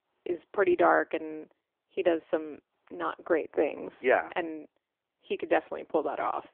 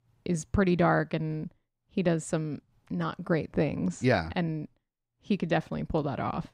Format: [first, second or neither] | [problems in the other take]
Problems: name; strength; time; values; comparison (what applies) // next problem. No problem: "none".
second | phone-call audio